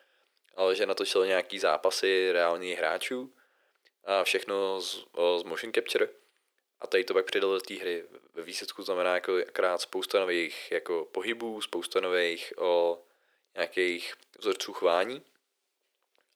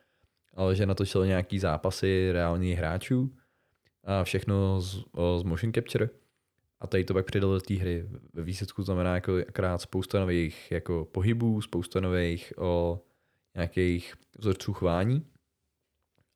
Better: second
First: thin; very; fading below 400 Hz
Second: none

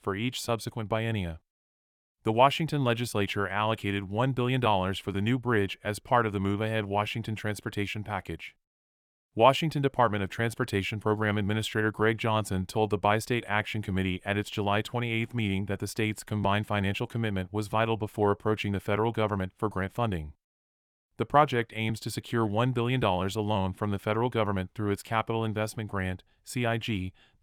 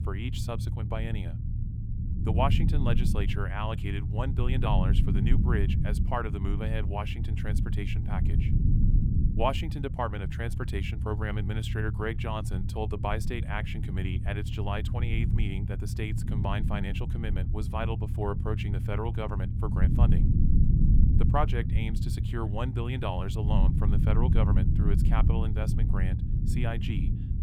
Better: first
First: none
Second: low rumble; loud; throughout; 6 dB below the speech

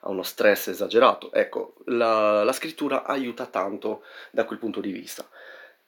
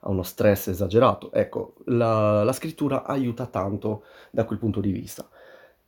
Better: second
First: thin; somewhat; fading below 300 Hz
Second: none

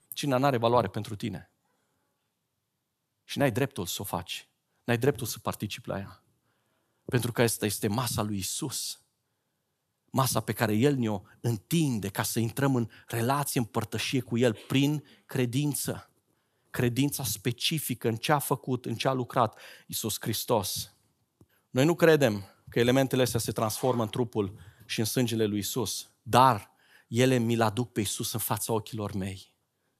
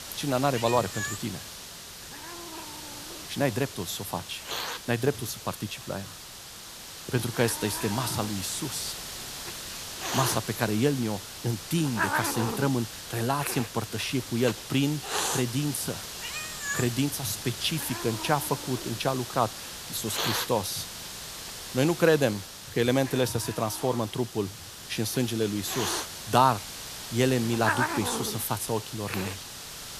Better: first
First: none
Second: hiss; loud; throughout; 6 dB below the speech

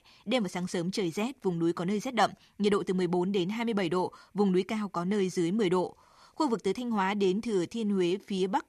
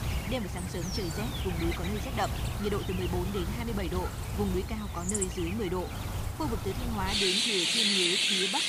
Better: first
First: none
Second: animal sounds; very loud; throughout; 4 dB above the speech

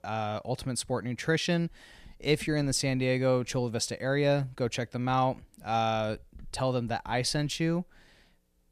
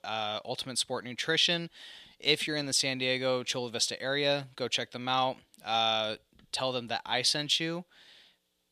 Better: first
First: none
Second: thin; very slightly; fading below 450 Hz

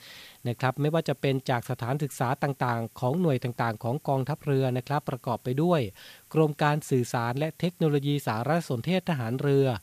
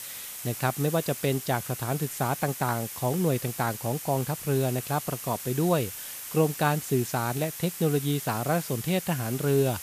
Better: first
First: hiss; faint; throughout; 25 dB below the speech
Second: hiss; loud; throughout; 8 dB below the speech

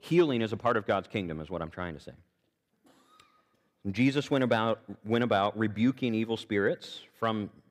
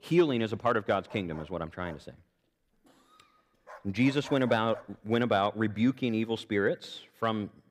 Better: first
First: none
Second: dog barking; faint; from 1 to 5 s; peak 15 dB below the speech

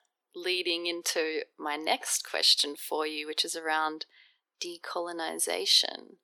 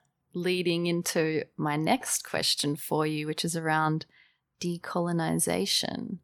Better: second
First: thin; very; fading below 350 Hz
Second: none

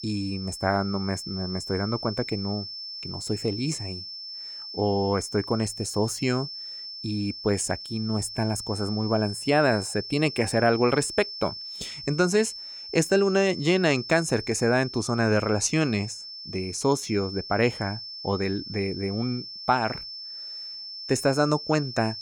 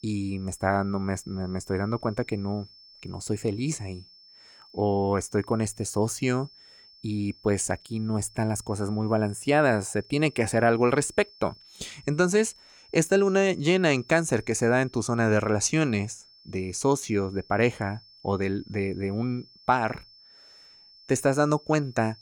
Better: second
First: high-pitched whine; loud; throughout; 5.5 kHz, 9 dB below the speech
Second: high-pitched whine; faint; throughout; 5.5 kHz, 25 dB below the speech

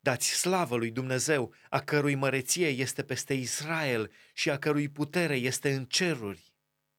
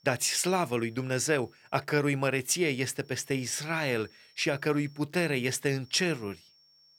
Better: first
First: none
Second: high-pitched whine; faint; until 2 s, from 3 to 5 s and from 6 s on; 5.5 kHz, 30 dB below the speech

